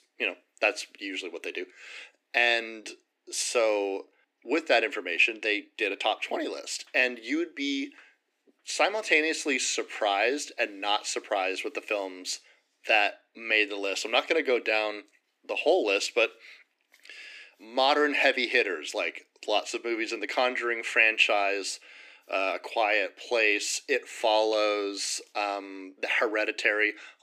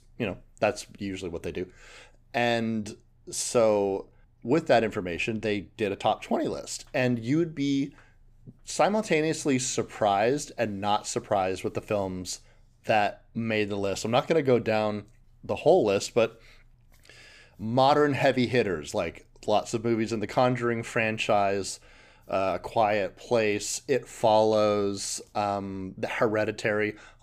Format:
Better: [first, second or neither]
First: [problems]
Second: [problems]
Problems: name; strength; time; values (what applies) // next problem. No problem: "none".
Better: second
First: thin; somewhat; fading below 300 Hz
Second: none